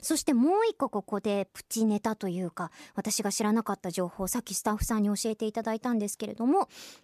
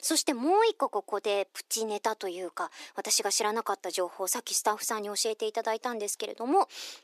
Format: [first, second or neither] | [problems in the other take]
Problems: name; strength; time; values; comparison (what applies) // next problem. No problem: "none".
first | thin; somewhat; fading below 350 Hz